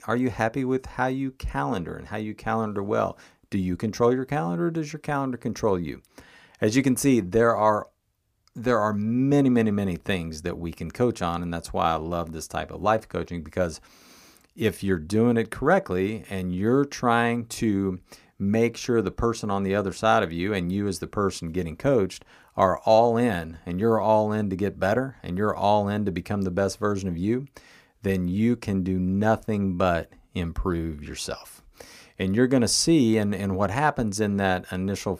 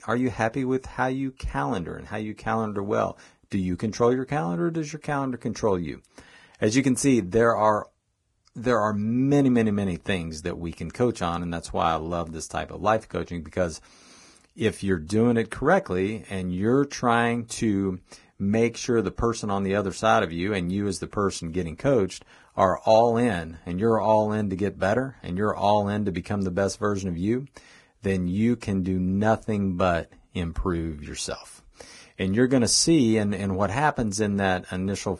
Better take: first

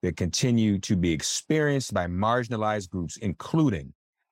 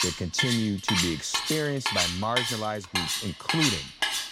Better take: first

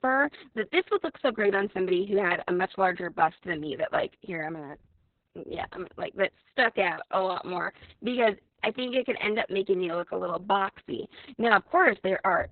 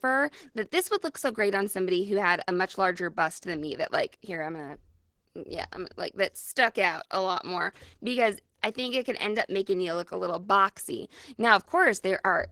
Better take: second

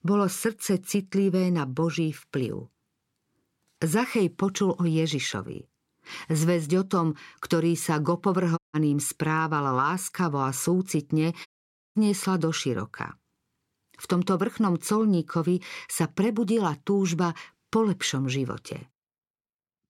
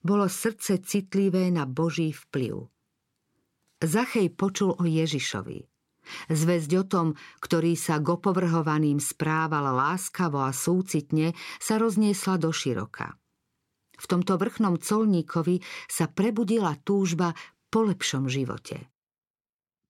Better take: second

